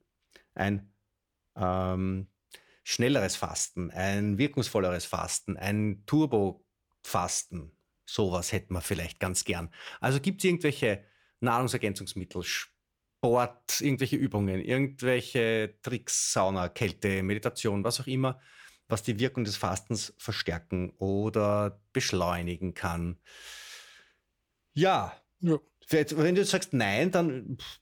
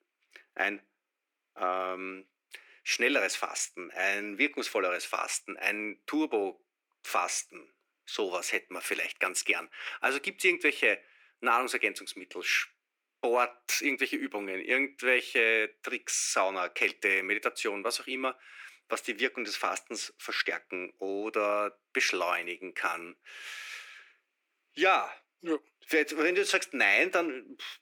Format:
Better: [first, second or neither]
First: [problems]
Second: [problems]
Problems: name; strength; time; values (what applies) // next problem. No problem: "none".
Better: first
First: none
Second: thin; somewhat; fading below 300 Hz